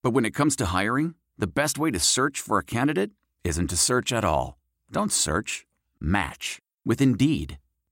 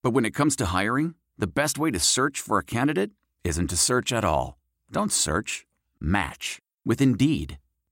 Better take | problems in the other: neither | none

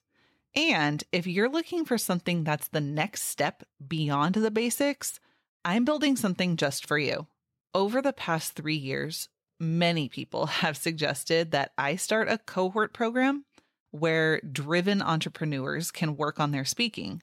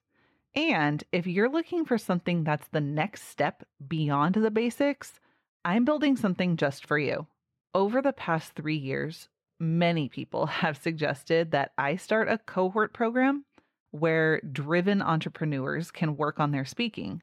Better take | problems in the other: first | muffled; slightly; fading above 3.5 kHz

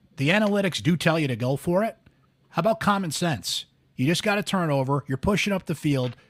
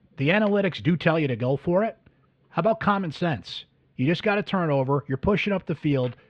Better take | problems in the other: first | muffled; slightly; fading above 3 kHz

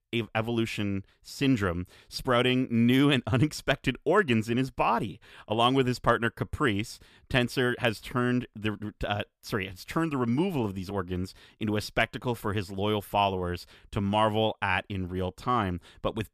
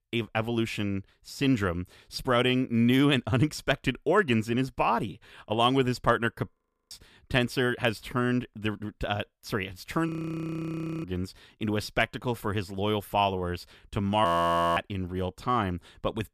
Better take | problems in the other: first | audio freezing; at 6.5 s, at 10 s for 1 s and at 14 s for 0.5 s

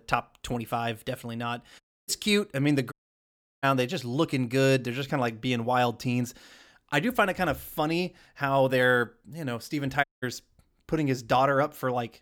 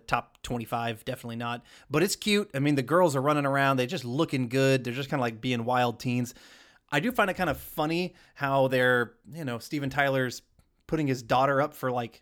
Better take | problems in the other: second | audio cutting out; at 2 s, at 3 s for 0.5 s and at 10 s

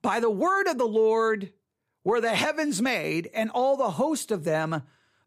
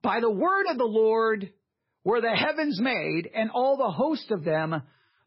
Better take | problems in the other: first | garbled, watery; badly; nothing above 5 kHz

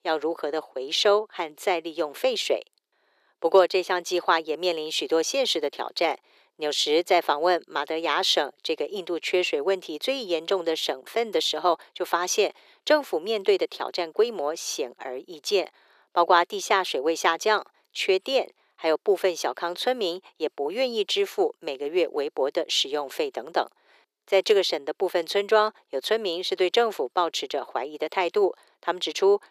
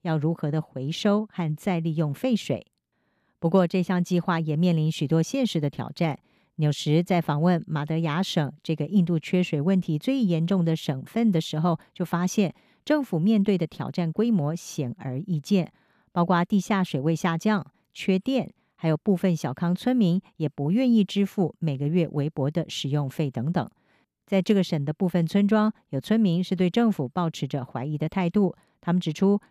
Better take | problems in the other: second | thin; very; fading below 400 Hz

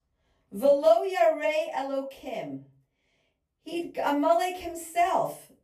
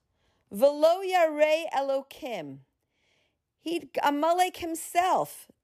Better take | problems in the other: second | off-mic speech; far // room echo; slight; dies away in 0.3 s

